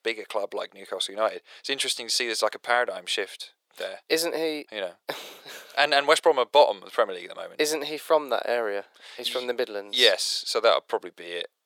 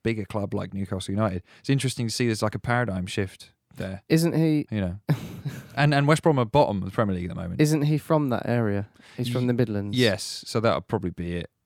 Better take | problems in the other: second | thin; very; fading below 500 Hz

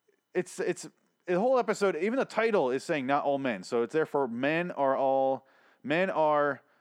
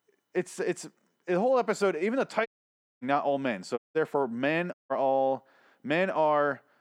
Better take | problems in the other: first | audio cutting out; at 2.5 s for 0.5 s, at 4 s and at 4.5 s

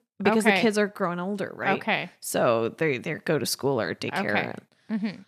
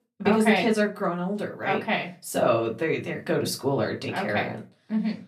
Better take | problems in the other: first | off-mic speech; far // room echo; very slight; dies away in 0.2 s

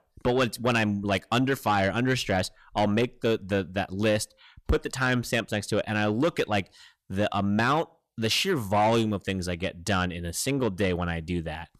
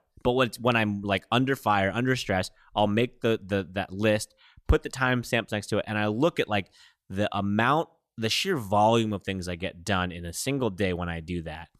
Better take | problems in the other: second | distortion; slight; 10 dB below the speech

